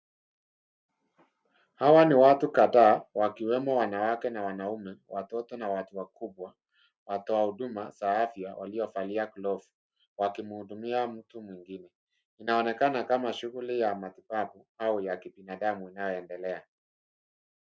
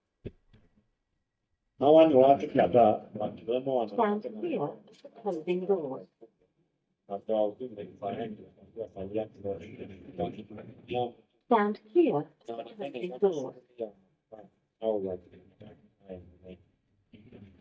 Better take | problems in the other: first | noise reduction (neural mask model DeepFilterNet 3)

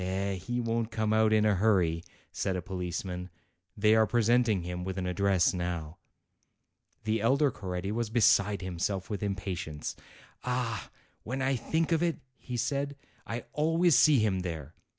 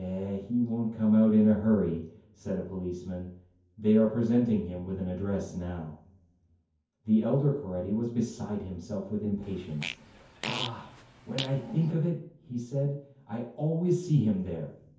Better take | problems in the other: first | background sound (Fart); 11 dB below the speech // room echo; dies away in 0.6 s

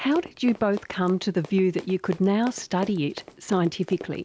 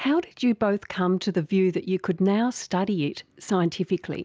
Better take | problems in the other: second | background sound (Run); 18 dB below the speech

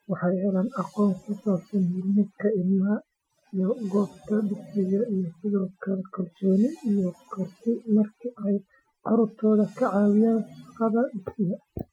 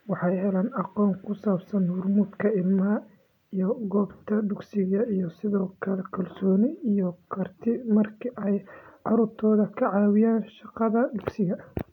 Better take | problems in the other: second | noise reduction (classical method Wiener filter)

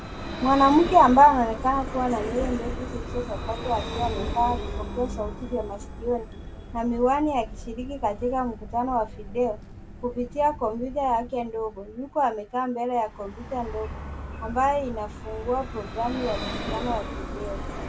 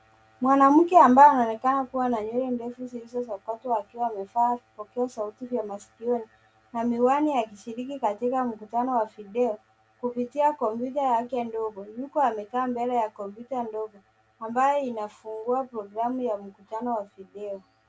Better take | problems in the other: second | background sound (Vehicle); 9 dB below the speech

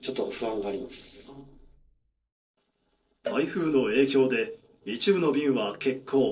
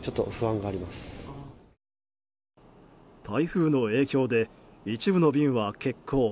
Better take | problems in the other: second | noise reduction (neural separator model SepFormer DNS4)

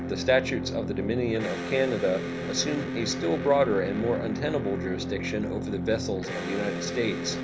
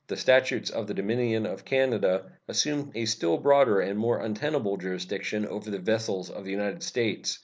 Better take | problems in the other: second | background sound (Electric guitar); 4 dB below the speech

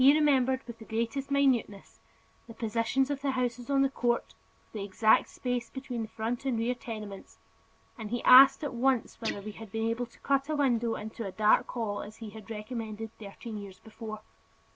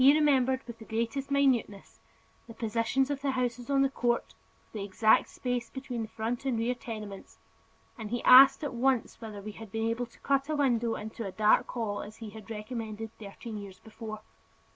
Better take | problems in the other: second | background sound (Guitar); 14 dB below the speech

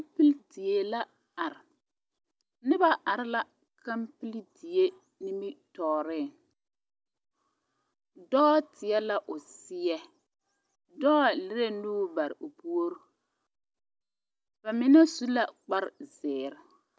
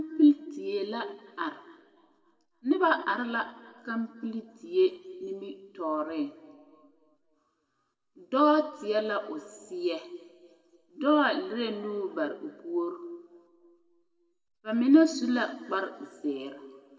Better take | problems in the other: first | room echo; dies away in 1.3 s

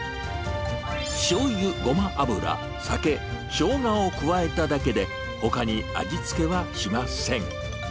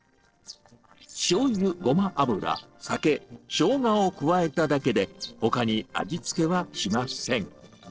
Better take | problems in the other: first | noise reduction (neural separator model SepFormer DNS4)

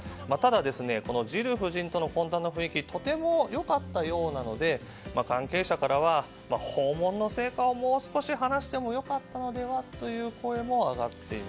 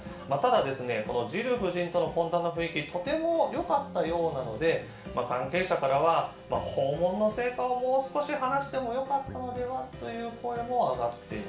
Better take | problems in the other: first | background sound (Guitar); 19 dB below the speech // room echo; dies away in 0.5 s

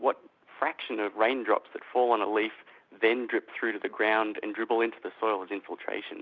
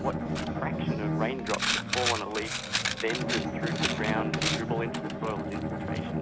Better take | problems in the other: first | background sound (Coin (dropping) + Bowed string instrument); 5 dB above the speech

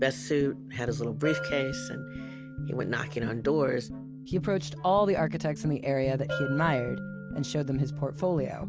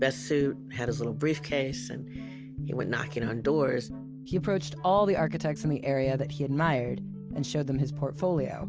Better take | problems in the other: second | background sound (Bell); 14 dB below the speech

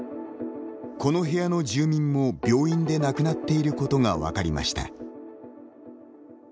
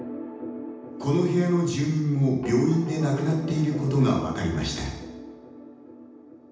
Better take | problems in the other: first | room echo; dies away in 0.9 s

